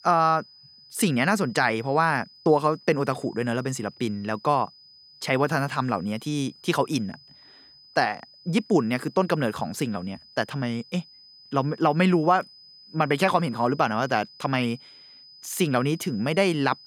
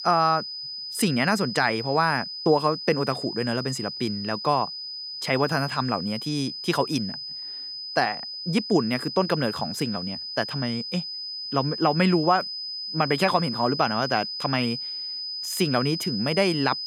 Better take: first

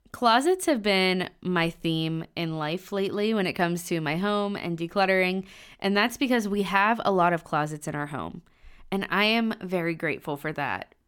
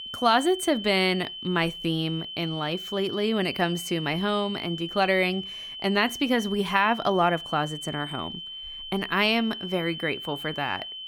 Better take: first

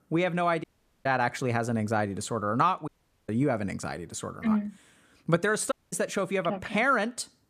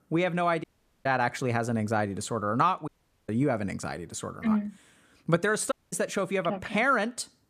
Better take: neither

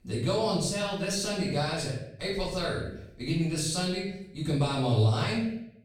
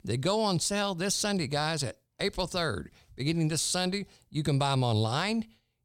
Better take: second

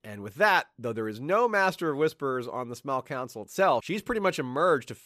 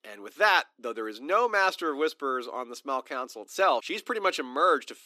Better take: first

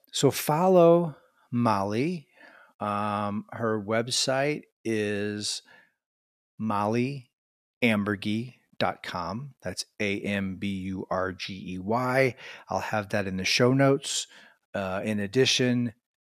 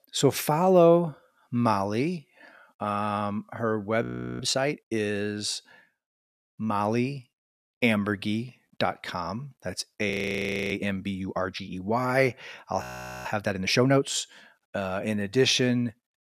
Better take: first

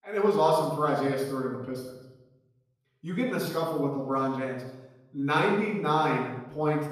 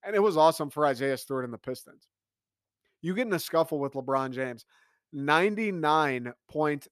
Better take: second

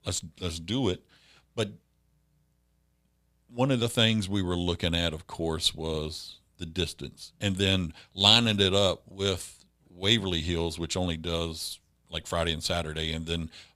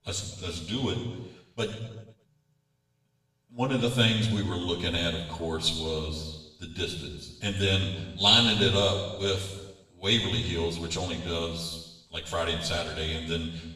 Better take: first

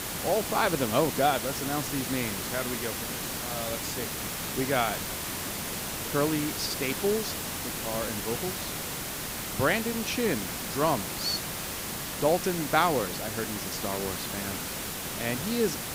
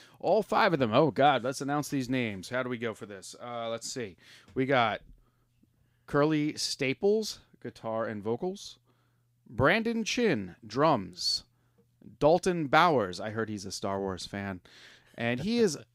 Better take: second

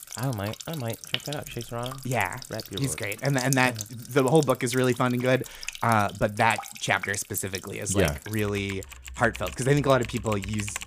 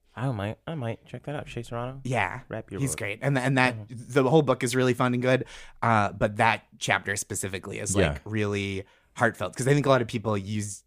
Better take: second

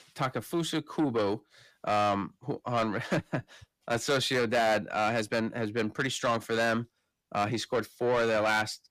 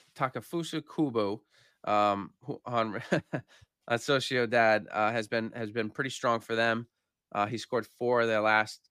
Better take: second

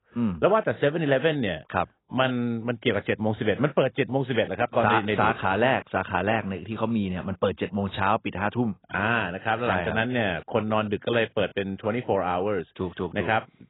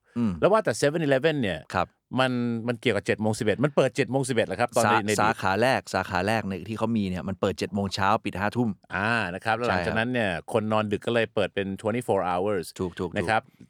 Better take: second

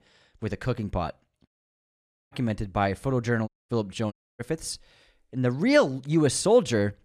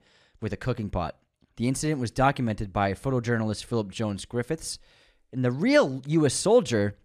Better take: second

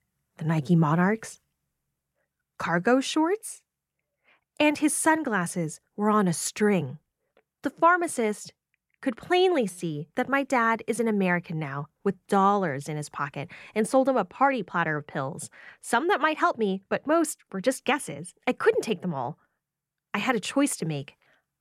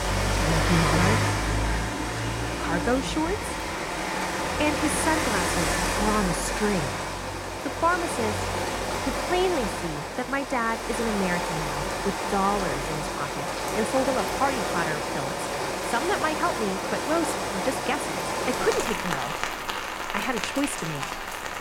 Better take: first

